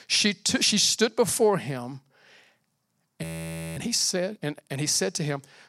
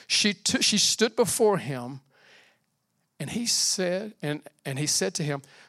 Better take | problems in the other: second | audio freezing; at 3 s for 0.5 s

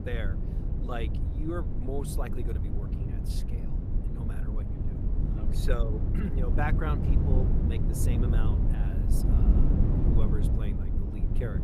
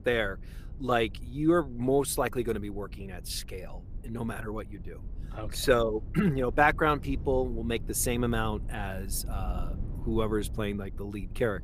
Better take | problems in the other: second | low rumble; loud; throughout; 1 dB below the speech; faint in the second

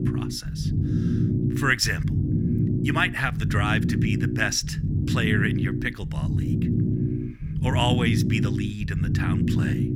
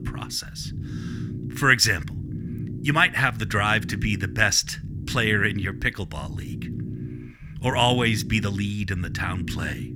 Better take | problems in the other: second | low rumble; loud; throughout; 7 dB below the speech; faint in the second

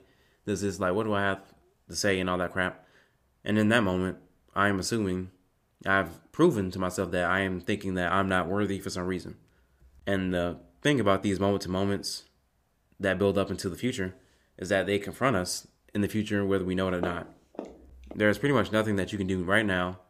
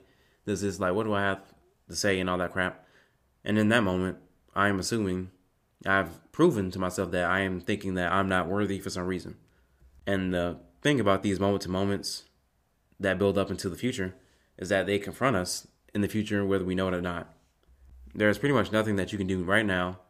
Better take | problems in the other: second | footsteps; noticeable; from 17 to 18 s; peak 9 dB below the speech

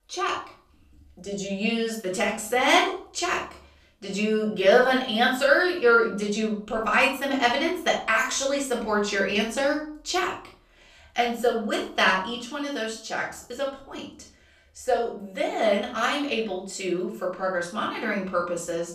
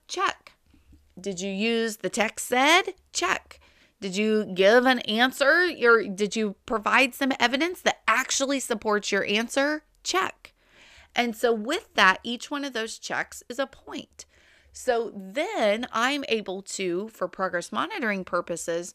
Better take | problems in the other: second | off-mic speech; far // room echo; noticeable; dies away in 0.5 s

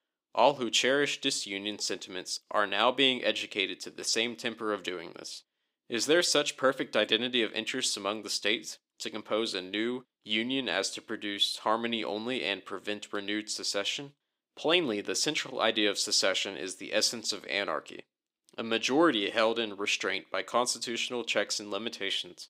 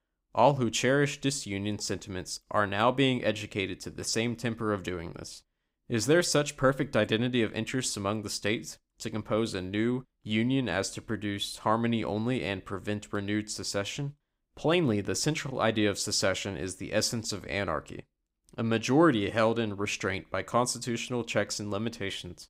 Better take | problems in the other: second | thin; very slightly; fading below 350 Hz

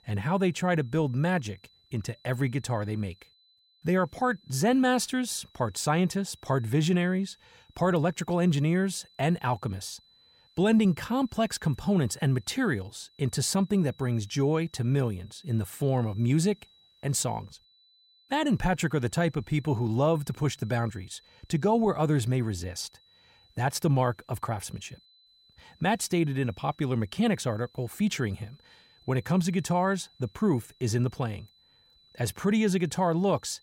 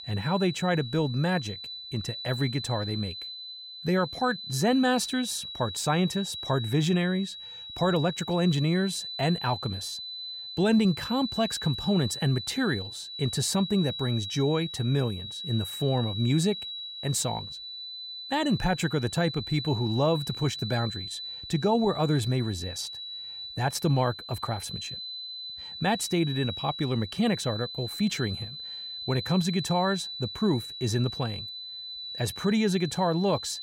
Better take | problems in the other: first | high-pitched whine; loud; throughout; 4 kHz, 8 dB below the speech; faint in the first

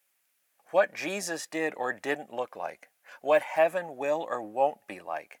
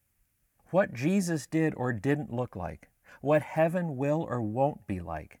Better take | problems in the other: second | thin; very; fading below 600 Hz

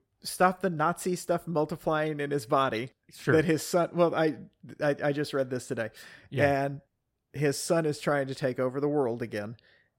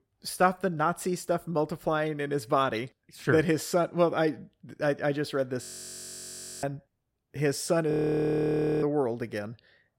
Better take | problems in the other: first | audio freezing; at 5.5 s for 1 s and at 8 s for 1 s

